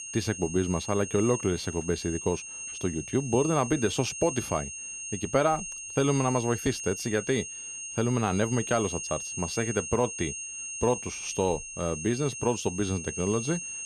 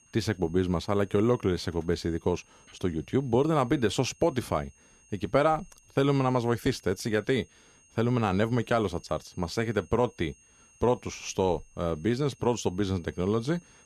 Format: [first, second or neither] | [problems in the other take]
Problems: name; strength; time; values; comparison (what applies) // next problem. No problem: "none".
second | high-pitched whine; loud; throughout; 6.5 kHz, 7 dB below the speech; faint in the second